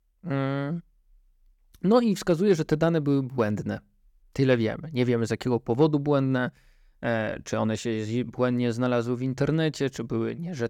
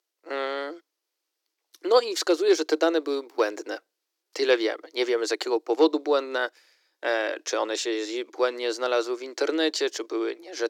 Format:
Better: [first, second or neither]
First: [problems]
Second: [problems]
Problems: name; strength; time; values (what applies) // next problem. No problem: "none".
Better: first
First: none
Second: thin; very; fading below 300 Hz